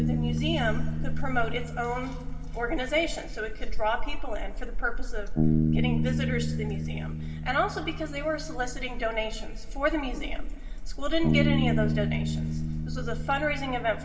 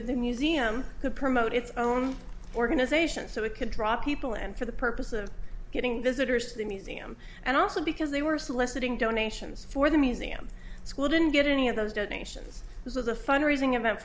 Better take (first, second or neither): second